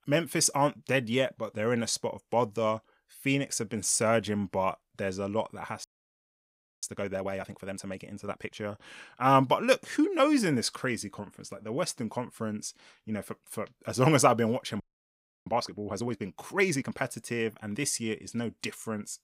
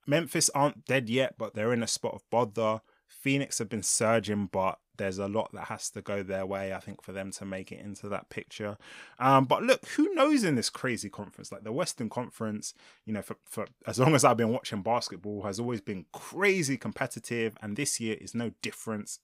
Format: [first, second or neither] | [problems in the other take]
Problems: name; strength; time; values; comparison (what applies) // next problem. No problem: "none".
second | audio freezing; at 6 s for 1 s and at 15 s for 0.5 s